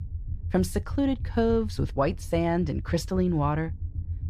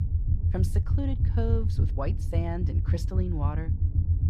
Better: first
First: low rumble; faint; throughout; 20 dB below the speech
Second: low rumble; loud; throughout; 5 dB below the speech

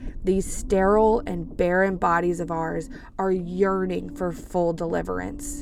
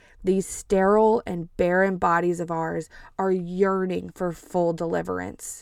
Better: second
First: low rumble; faint; throughout; 20 dB below the speech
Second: none

